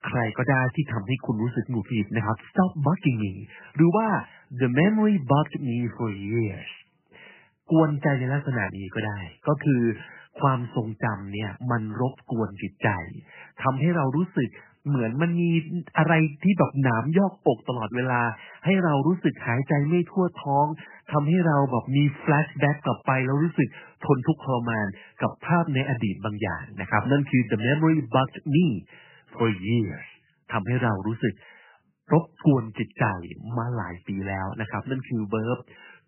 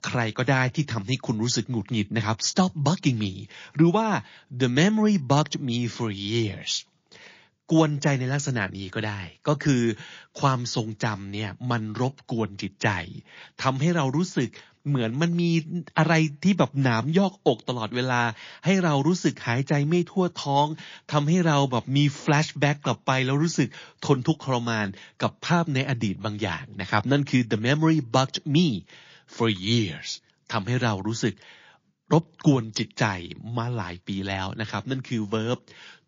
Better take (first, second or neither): second